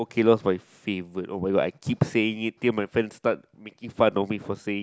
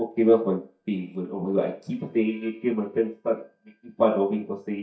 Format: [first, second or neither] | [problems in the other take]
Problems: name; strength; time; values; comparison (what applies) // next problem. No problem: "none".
first | noise reduction (neural mask model DeepFilterNet 3)